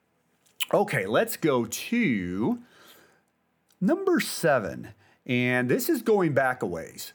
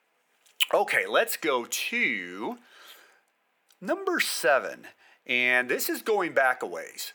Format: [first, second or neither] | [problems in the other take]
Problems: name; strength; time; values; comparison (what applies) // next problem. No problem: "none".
first | thin; somewhat; fading below 500 Hz